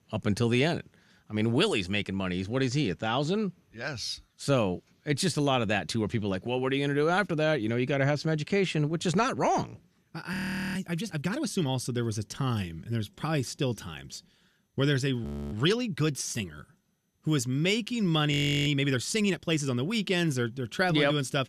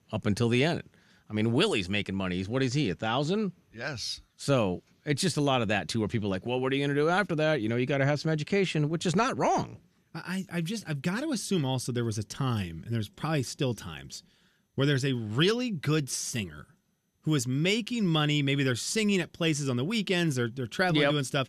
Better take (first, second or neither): second